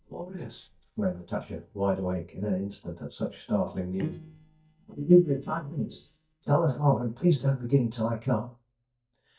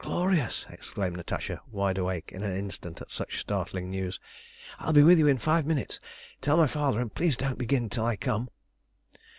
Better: second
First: noise reduction (neural mask model DeepFilterNet 3)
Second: none

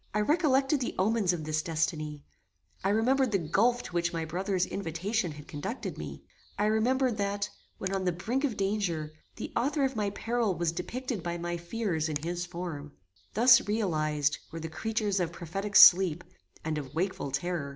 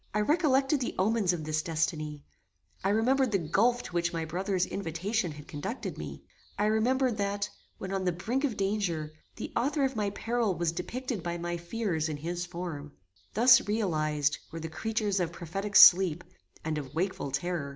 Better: second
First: background sound (Finger snapping); 18 dB below the speech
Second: none

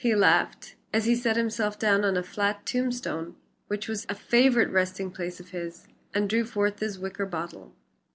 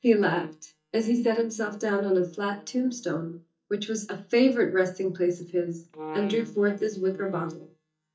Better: first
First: none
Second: noise reduction (neural mask model DeepFilterNet 3)

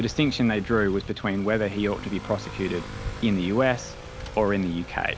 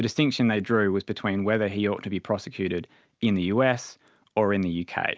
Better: second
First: background sound (Motorcycle / Accelerating, revving, vroom); 12 dB below the speech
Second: none

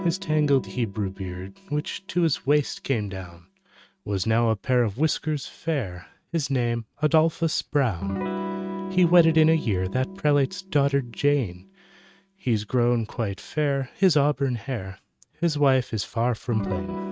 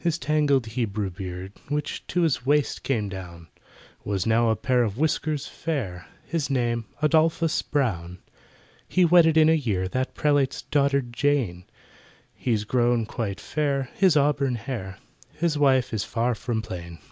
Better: second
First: noise reduction (neural mask model RNNoise)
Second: none

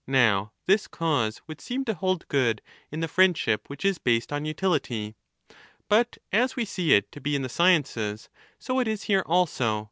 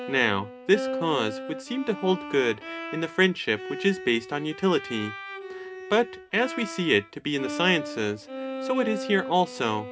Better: first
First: none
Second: background sound (Bowed string instrument); 9 dB below the speech // room echo; dies away in 0.3 s

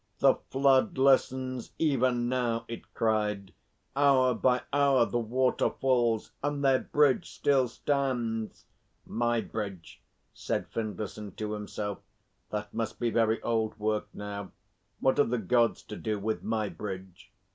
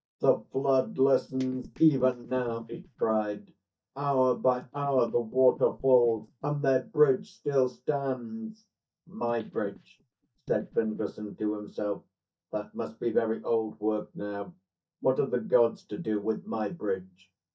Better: first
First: none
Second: noise reduction (neural mask model DeepFilterNet 3)

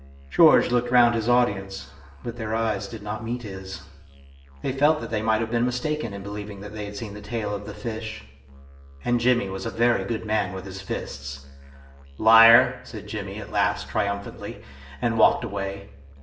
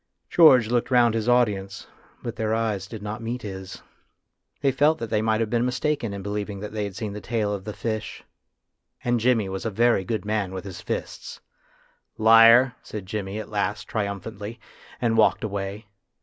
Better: second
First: background sound (Musical instrument); 20 dB below the speech // room echo; dies away in 0.6 s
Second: none

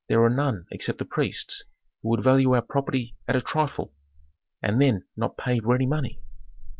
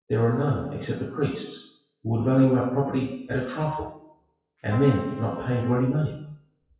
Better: first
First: none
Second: noise reduction (classical method WPE with log-MMSE)

